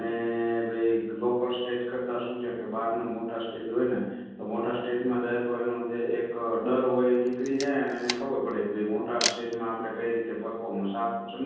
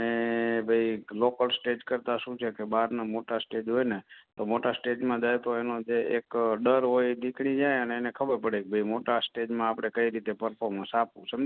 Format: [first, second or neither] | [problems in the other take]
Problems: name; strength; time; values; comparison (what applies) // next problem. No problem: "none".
second | background sound (Camera); 9 dB below the speech // room echo; dies away in 1.3 s